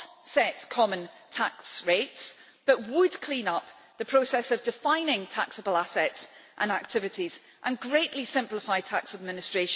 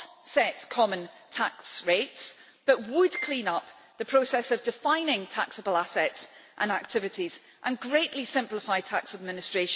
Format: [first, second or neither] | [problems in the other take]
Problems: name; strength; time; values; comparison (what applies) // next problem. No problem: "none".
first | background sound (Bowed string instrument); 13 dB below the speech